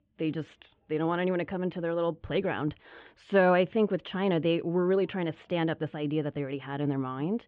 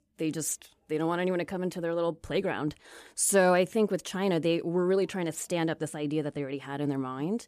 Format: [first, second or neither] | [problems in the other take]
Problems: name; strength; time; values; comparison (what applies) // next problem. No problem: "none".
second | muffled; very; fading above 3.5 kHz